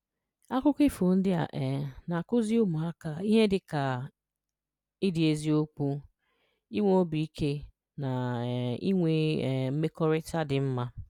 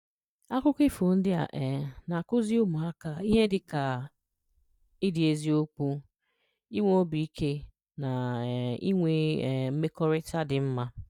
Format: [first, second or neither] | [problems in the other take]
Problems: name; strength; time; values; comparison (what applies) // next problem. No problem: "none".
first | noise reduction (neural mask model DeepFilterNet 3)